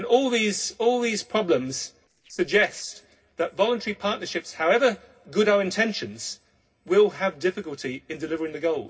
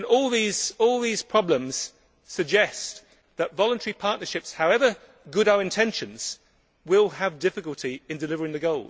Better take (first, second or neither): second